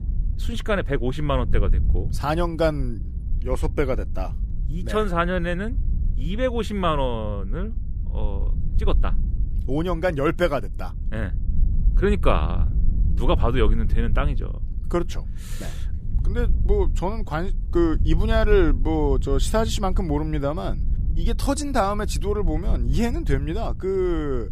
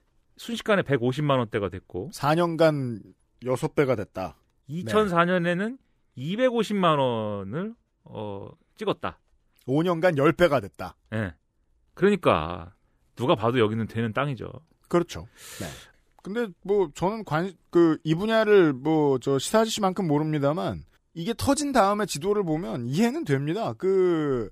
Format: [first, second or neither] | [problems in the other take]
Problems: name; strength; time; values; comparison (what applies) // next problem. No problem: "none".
second | wind noise on the microphone; occasional gusts; 20 dB below the speech